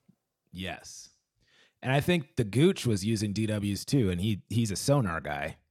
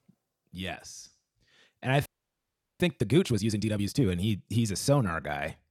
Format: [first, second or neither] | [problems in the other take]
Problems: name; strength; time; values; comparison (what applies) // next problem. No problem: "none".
first | audio freezing; at 2 s for 0.5 s